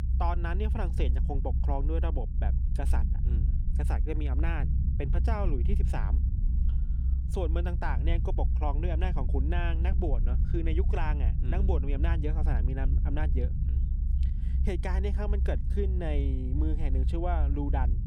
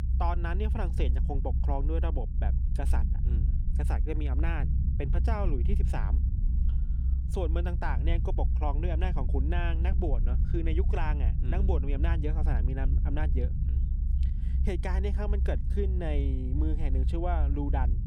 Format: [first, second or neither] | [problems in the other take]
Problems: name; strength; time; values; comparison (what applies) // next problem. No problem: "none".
neither | low rumble; loud; throughout; 9 dB below the speech; the same in both